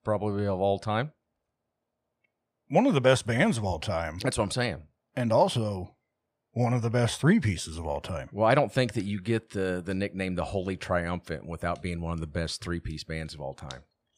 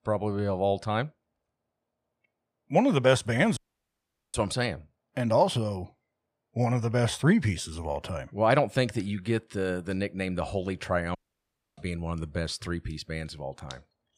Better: first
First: none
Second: audio cutting out; at 3.5 s for 1 s and at 11 s for 0.5 s

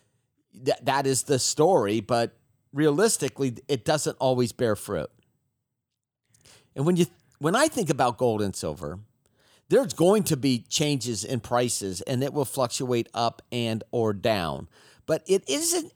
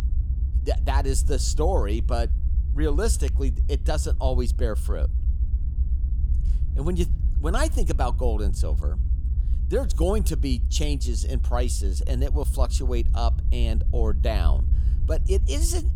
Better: first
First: none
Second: low rumble; noticeable; throughout; 15 dB below the speech

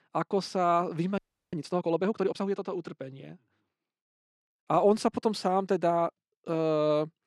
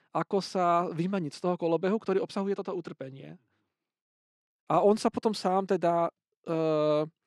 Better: second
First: audio freezing; at 1 s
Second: none

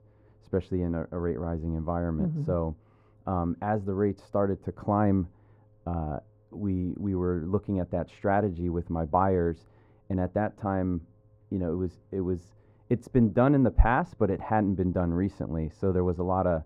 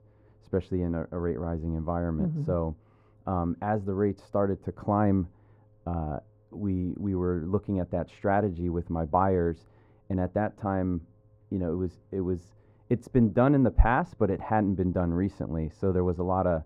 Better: neither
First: muffled; very; fading above 2 kHz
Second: muffled; very; fading above 2 kHz

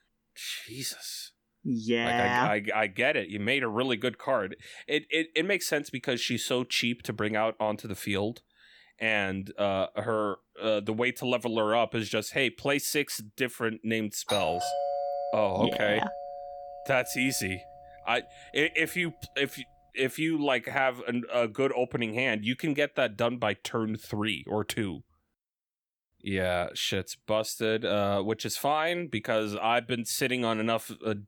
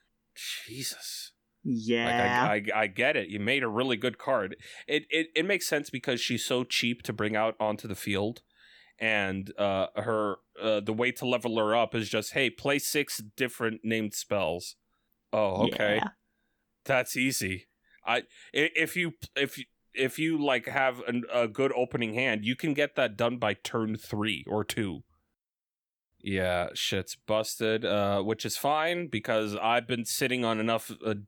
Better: second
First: doorbell; noticeable; from 14 to 18 s; peak 2 dB below the speech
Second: none

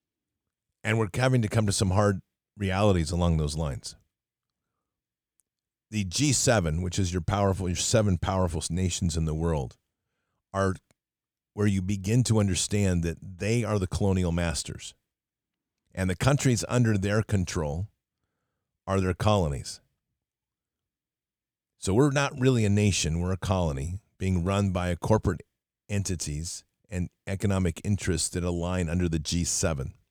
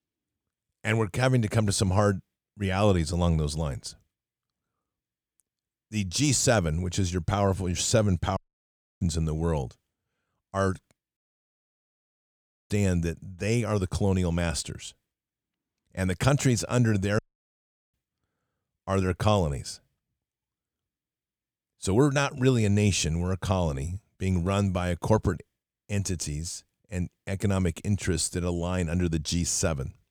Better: first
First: none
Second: audio cutting out; at 8.5 s for 0.5 s, at 11 s for 1.5 s and at 17 s for 1 s

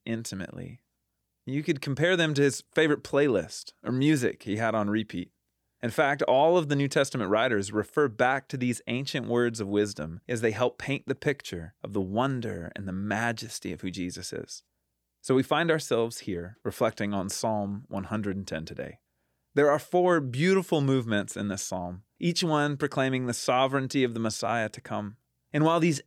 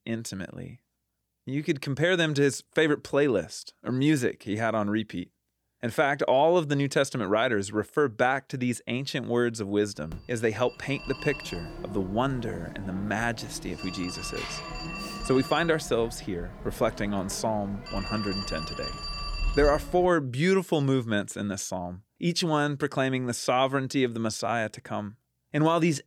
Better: first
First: none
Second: phone ringing; noticeable; from 10 to 20 s; peak 5 dB below the speech

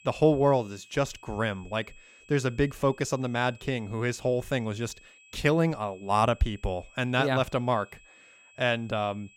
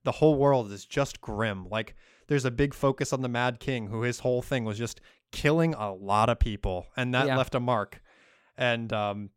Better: second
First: high-pitched whine; faint; throughout; 2.5 kHz, 25 dB below the speech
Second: none

